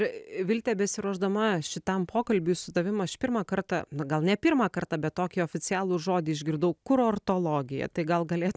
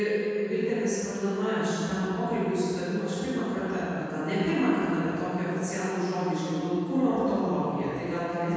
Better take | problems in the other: first | room echo; dies away in 2.1 s

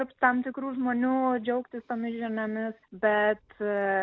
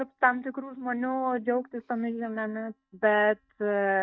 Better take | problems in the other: first | noise reduction (neural mask model DeepFilterNet 3)

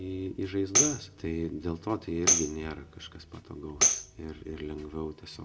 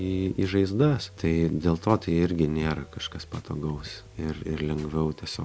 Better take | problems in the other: second | background sound (Tambourine); 3 dB above the speech // room echo; dies away in 0.4 s

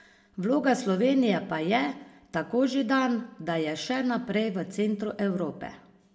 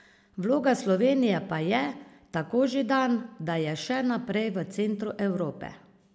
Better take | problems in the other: second | room echo; dies away in 0.3 s

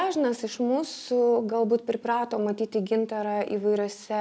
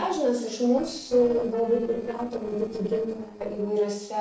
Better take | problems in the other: first | noise reduction (neural separator model SepFormer DNS4)

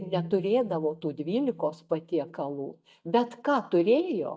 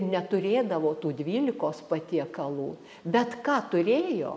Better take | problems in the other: second | noise reduction (neural mask model DeepFilterNet 3)

